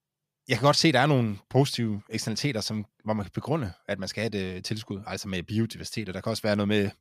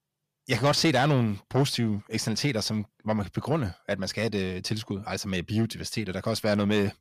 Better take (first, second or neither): first